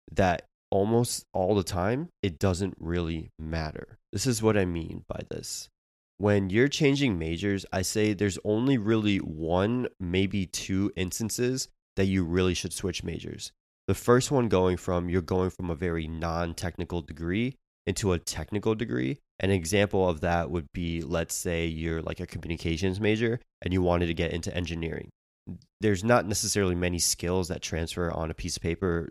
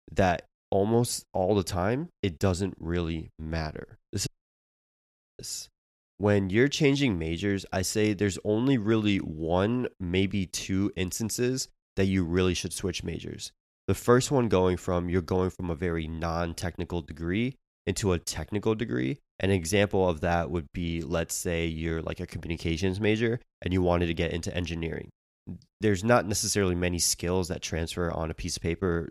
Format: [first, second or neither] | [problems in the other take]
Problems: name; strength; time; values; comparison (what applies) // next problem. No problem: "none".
first | audio cutting out; at 4.5 s for 1 s